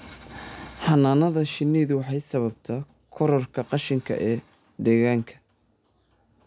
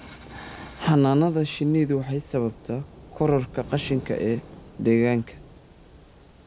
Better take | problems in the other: first | background sound (Thunder / Rain); 20 dB below the speech

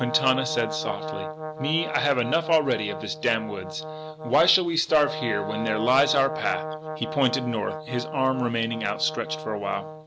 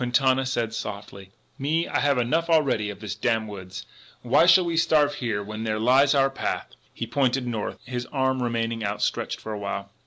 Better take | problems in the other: second | background sound (Brass instrument); 8 dB below the speech

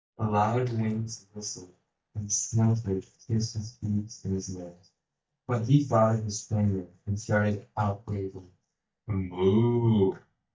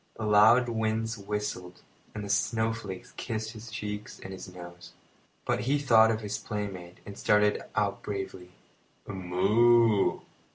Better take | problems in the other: second | noise reduction (neural mask model DeepFilterNet 3)

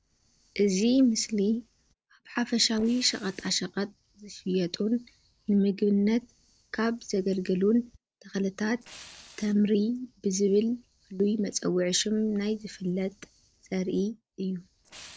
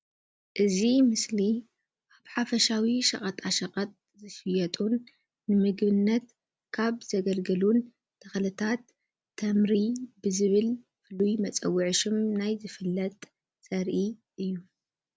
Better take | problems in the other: second | noise reduction (neural separator model SepFormer DNS4)

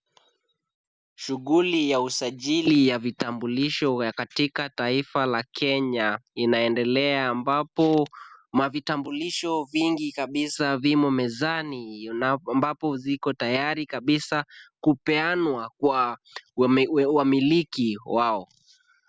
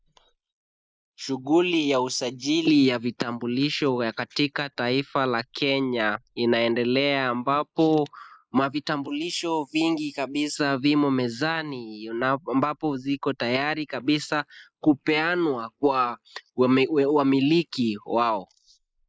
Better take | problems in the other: first | noise reduction (neural mask model Resemble Enhance denoiser)

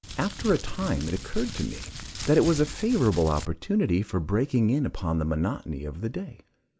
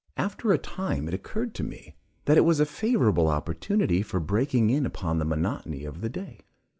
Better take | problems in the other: second | background sound (Crumpling, crinkling); 11 dB below the speech

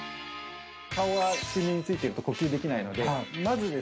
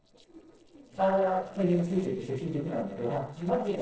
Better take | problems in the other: first | noise reduction (neural separator model SepFormer DNS4)

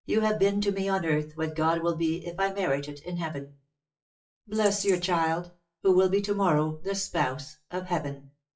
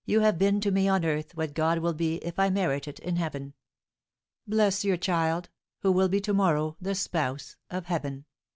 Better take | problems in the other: second | noise reduction (classical method WPE with log-MMSE)

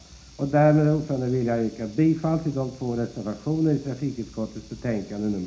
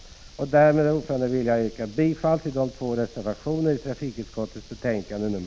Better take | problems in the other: second | room echo; dies away in 0.4 s

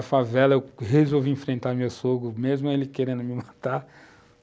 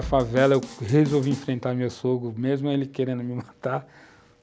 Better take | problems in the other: first | background sound (Drum kit); 13 dB below the speech

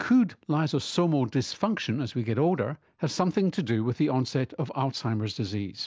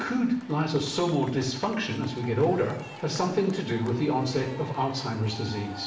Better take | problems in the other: first | background sound (Crowd / Cheering); 16 dB below the speech // room echo; dies away in 0.6 s

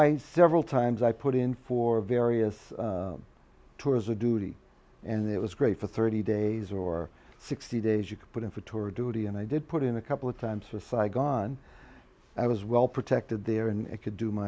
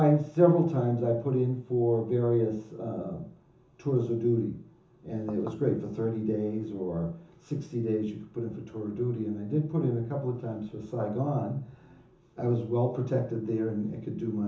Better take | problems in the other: first | background sound (Knock / Wood); 17 dB below the speech // room echo; dies away in 0.7 s

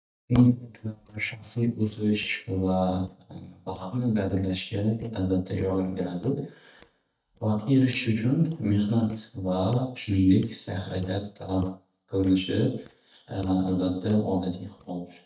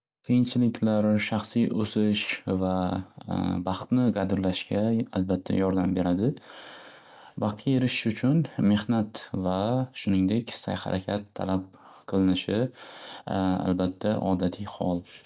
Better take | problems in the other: second | noise reduction (neural mask model DeepFilterNet 3)

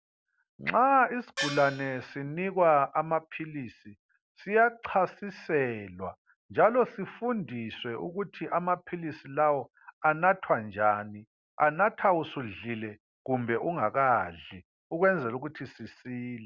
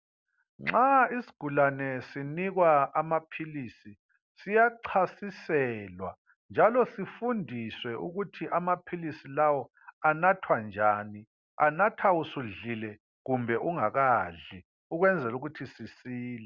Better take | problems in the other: second | background sound (Gong); 8 dB below the speech

